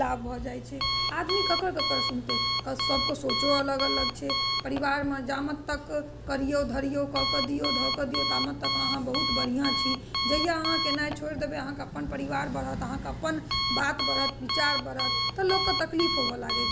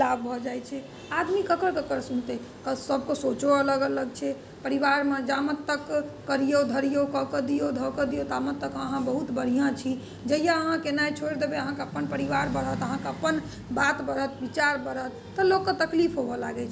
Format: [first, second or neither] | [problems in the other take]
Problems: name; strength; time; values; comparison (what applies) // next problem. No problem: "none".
second | background sound (Alarm); as loud as the speech